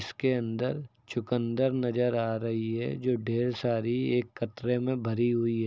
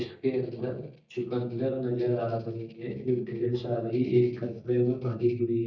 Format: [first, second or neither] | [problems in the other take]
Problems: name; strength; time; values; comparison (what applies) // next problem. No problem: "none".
first | noise reduction (neural mask model DeepFilterNet 3)